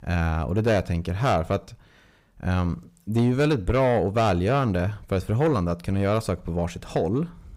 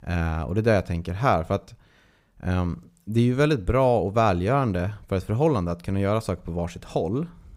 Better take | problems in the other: second | distortion; slight; 10 dB below the speech

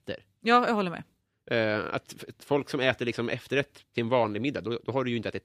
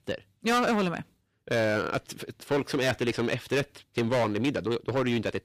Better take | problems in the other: first | distortion; heavy; 10% of the sound clipped

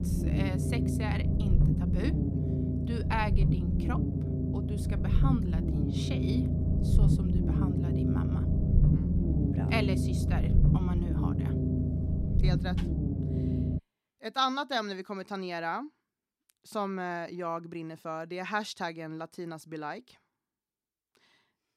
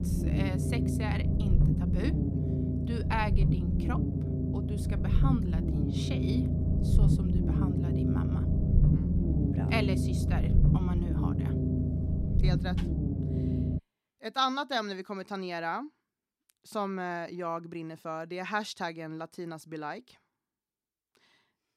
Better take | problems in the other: neither | low rumble; loud; until 14 s; 2 dB below the speech; the same in both

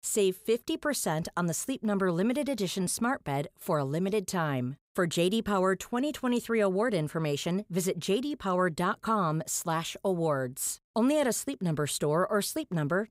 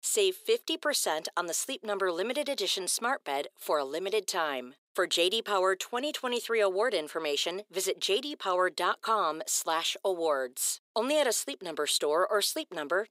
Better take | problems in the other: first | thin; very; fading below 350 Hz

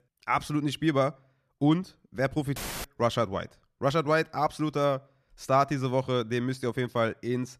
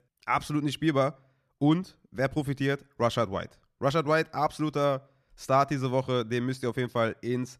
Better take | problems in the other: second | audio cutting out; filled with static; at 2.5 s

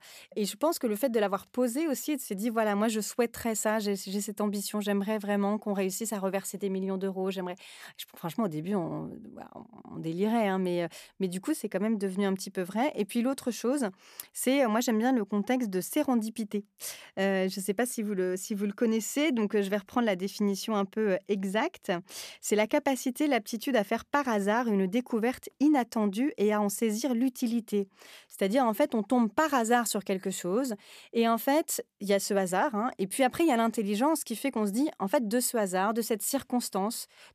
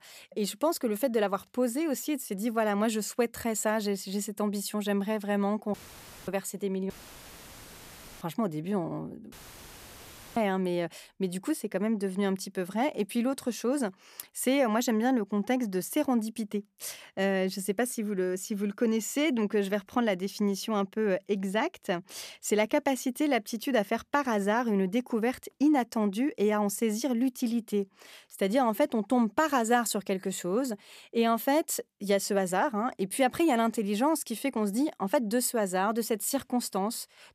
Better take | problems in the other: first | audio cutting out; filled with static; at 5.5 s for 0.5 s, at 7 s for 1.5 s and at 9.5 s for 1 s

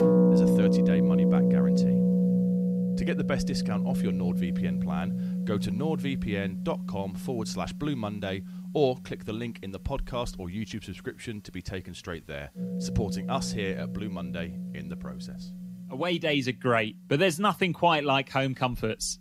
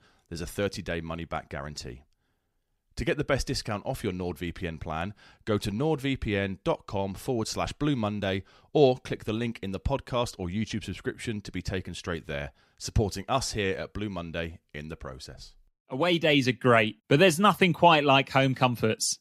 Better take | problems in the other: second | background music; very loud; throughout; 3 dB above the speech

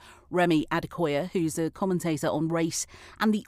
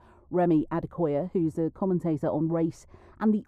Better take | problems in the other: first | muffled; very; fading above 1.5 kHz

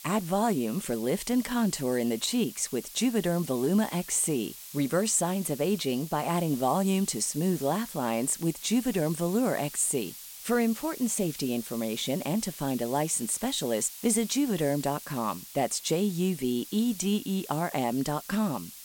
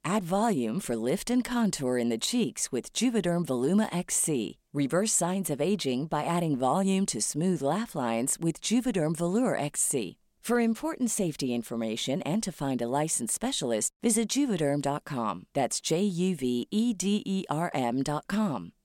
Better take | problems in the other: second | hiss; noticeable; throughout; 15 dB below the speech

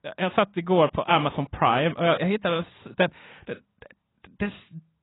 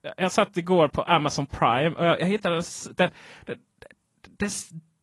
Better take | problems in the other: second | garbled, watery; badly; nothing above 3.5 kHz; slightly in the second

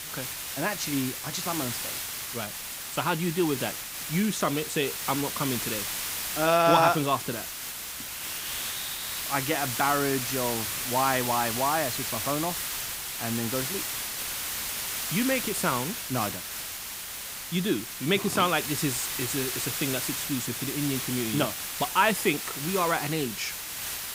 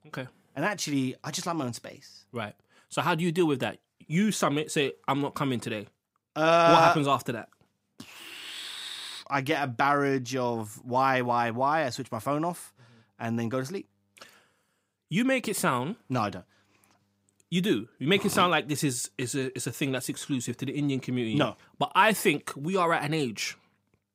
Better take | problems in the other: second | hiss; loud; throughout; 3 dB below the speech

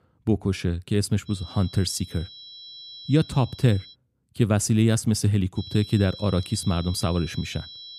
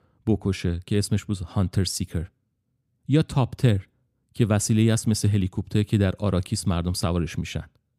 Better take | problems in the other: second | high-pitched whine; noticeable; from 1.5 to 4 s and from 5.5 s on; 4 kHz, 15 dB below the speech

